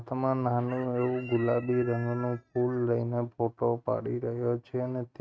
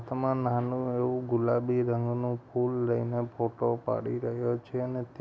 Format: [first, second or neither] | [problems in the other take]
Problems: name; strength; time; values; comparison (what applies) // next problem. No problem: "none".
second | noise reduction (neural mask model RNNoise)